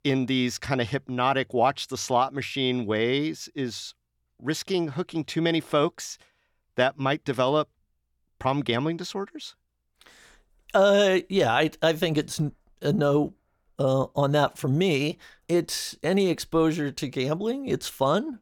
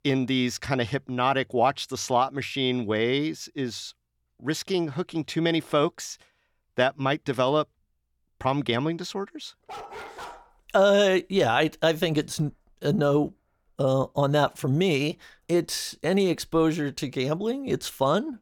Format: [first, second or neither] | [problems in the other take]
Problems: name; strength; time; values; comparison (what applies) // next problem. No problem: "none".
first | dog barking; faint; at 9.5 s; peak 15 dB below the speech